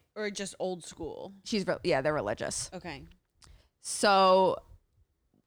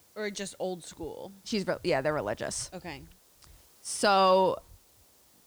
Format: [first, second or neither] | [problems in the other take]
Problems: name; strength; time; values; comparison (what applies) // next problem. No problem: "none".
first | hiss; faint; throughout; 30 dB below the speech